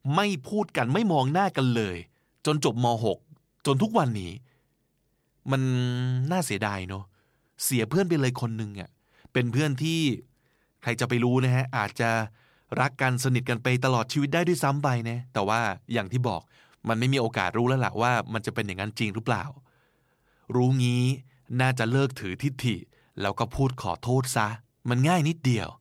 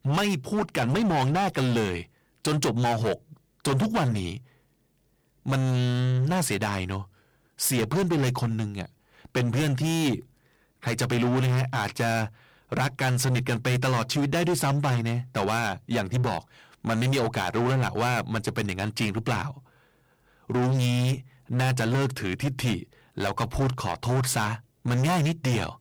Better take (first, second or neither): first